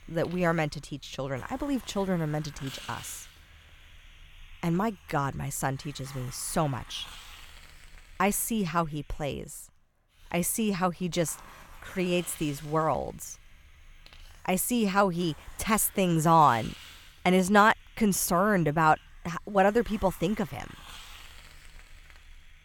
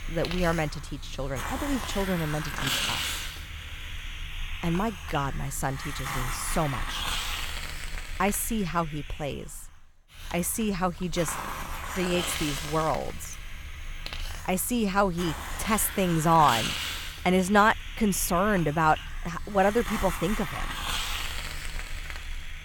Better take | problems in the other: first | hiss; loud; throughout; 7 dB below the speech; faint in the first

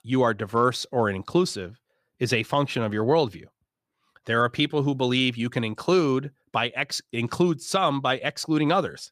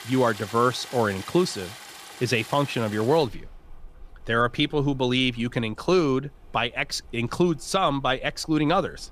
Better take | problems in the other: first | rain or running water; noticeable; throughout; 20 dB below the speech

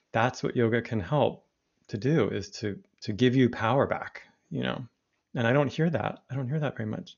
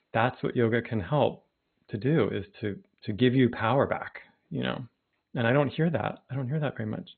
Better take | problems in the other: first | garbled, watery; badly; nothing above 3.5 kHz; slightly in the first

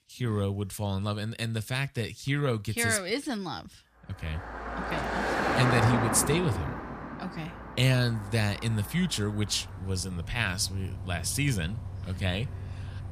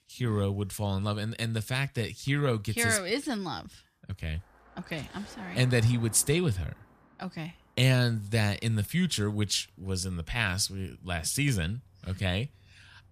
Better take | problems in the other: second | traffic noise; loud; from 4.5 s on; 5 dB below the speech; faint in the second

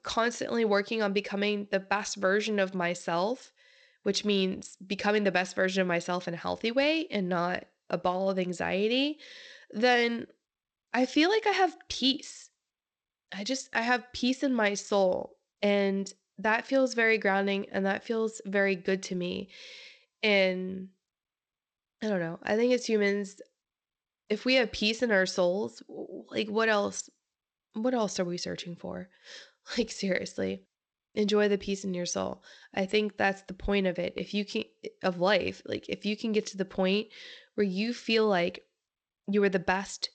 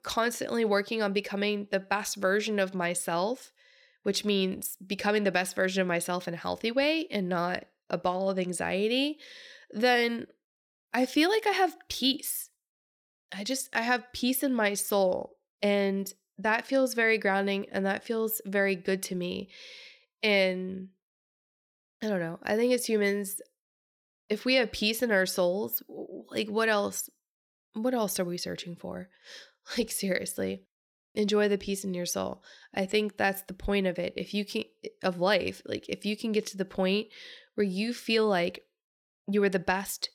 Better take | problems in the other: second | garbled, watery; slightly; nothing above 8 kHz

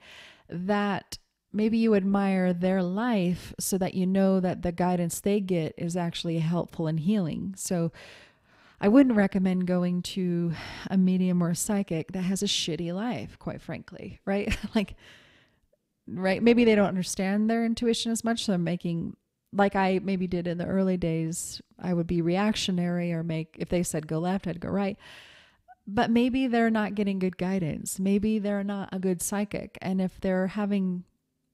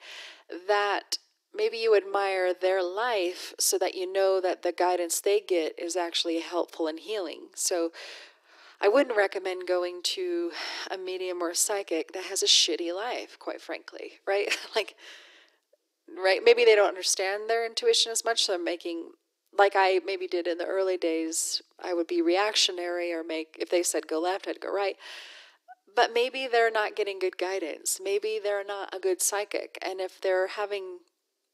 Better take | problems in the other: first | thin; very; fading below 350 Hz

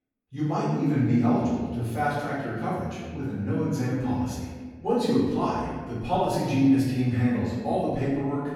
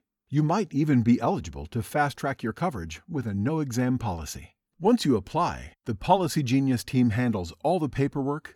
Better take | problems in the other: second | off-mic speech; far // room echo; strong; dies away in 1.4 s

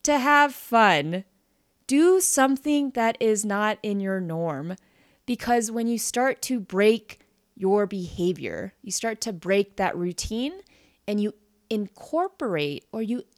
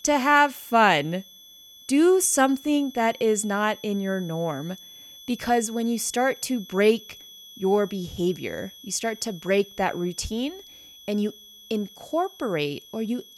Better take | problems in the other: first | high-pitched whine; noticeable; throughout; 3.5 kHz, 20 dB below the speech

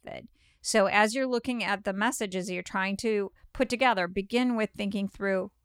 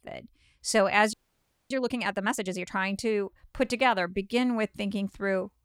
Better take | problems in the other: first | audio freezing; at 1 s for 0.5 s

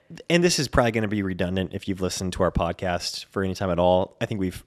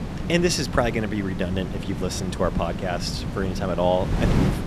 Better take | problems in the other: first | wind noise on the microphone; heavy; 9 dB below the speech

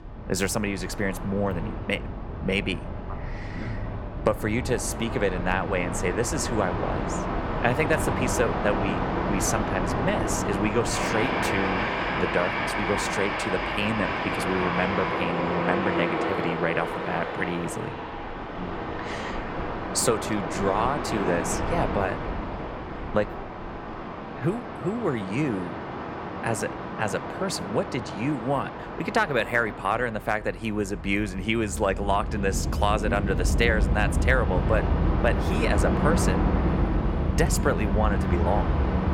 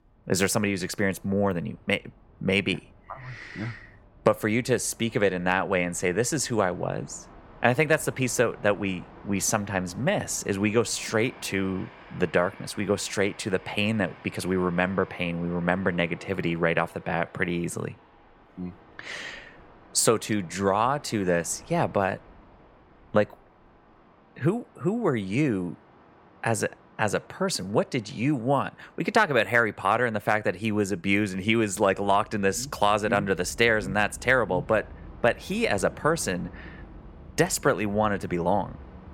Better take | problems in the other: second | train or aircraft noise; loud; throughout; 1 dB below the speech; faint in the second

